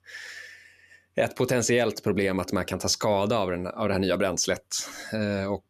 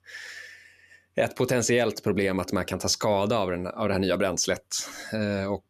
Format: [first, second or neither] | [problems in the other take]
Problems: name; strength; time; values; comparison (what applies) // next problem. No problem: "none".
neither | none